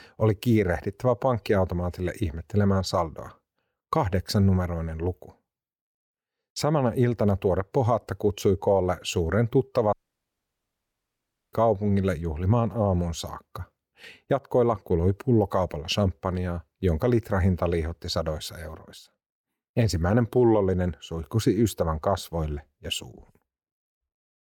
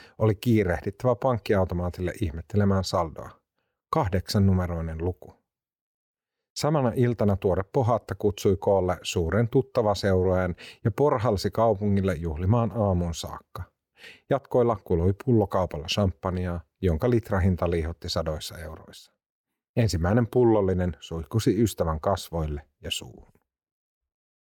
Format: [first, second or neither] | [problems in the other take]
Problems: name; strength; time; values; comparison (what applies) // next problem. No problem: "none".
second | audio cutting out; at 10 s for 1.5 s